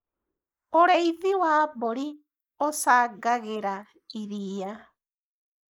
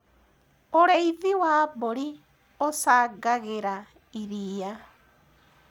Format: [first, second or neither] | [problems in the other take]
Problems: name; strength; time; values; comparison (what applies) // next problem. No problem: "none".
second | noise reduction (neural mask model Resemble Enhance denoiser)